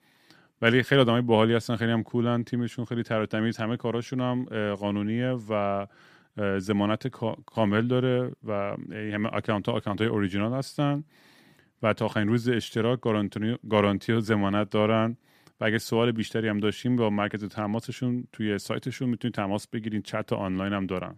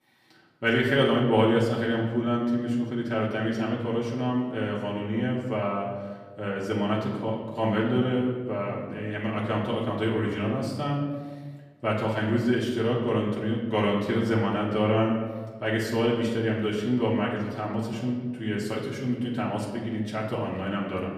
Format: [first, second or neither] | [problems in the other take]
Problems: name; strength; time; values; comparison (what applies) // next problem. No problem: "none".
first | off-mic speech; far // room echo; noticeable; dies away in 1.2 s